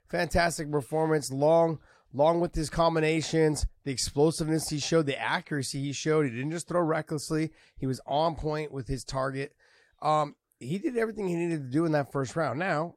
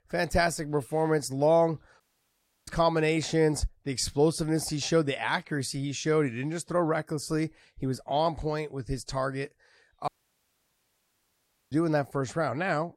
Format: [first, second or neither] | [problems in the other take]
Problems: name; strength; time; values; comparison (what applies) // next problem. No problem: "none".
first | audio cutting out; at 2 s for 0.5 s and at 10 s for 1.5 s